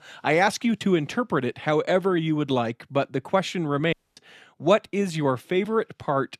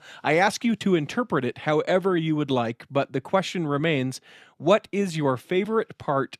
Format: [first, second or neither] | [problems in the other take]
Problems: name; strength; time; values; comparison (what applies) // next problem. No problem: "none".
second | audio cutting out; at 4 s